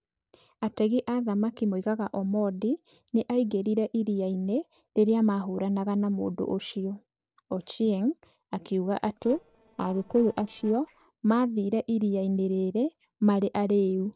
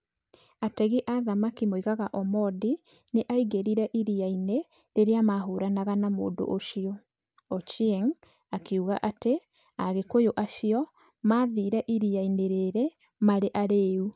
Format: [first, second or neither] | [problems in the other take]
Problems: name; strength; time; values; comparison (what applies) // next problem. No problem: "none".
second | noise reduction (neural separator model SepFormer DNS4)